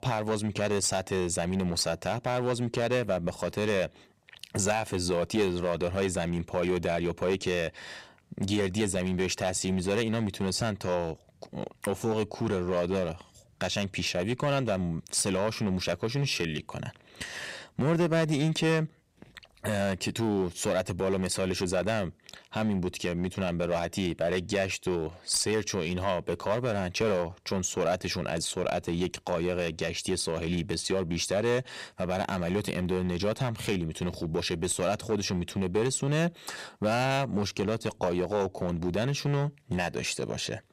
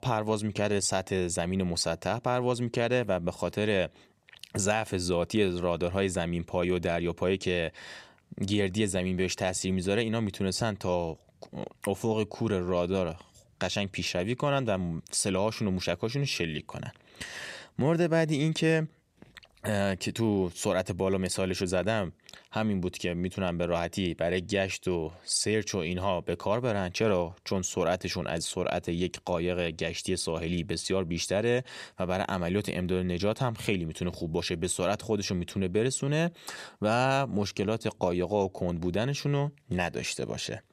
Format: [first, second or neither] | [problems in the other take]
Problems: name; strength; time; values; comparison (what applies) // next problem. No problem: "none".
second | distortion; slight; 5% of the sound clipped